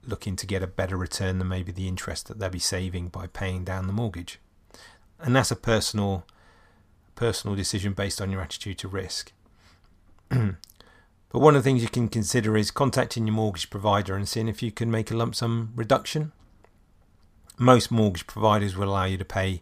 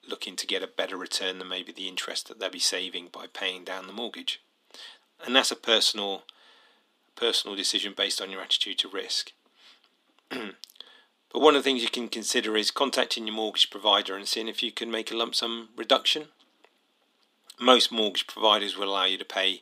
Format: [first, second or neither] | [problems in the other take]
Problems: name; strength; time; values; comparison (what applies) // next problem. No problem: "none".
first | thin; somewhat; fading below 250 Hz